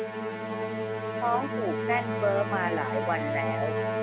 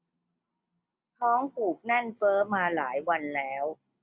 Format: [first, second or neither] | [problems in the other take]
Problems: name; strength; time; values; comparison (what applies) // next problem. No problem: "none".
second | background sound (Musical instrument); 1 dB above the speech